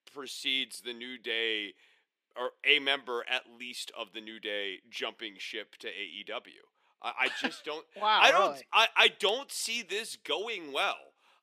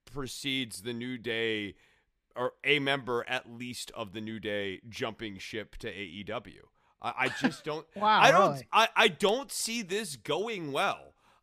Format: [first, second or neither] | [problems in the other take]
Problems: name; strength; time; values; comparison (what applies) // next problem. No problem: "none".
second | thin; somewhat; fading below 300 Hz